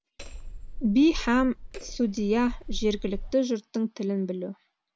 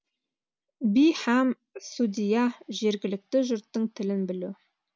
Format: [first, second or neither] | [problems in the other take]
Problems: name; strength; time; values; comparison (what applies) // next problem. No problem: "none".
second | background sound (Hammer); 9 dB below the speech